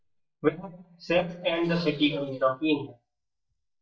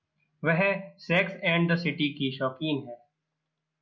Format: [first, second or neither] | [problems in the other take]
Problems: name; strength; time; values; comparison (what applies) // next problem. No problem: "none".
second | noise reduction (neural mask model DeepFilterNet 3)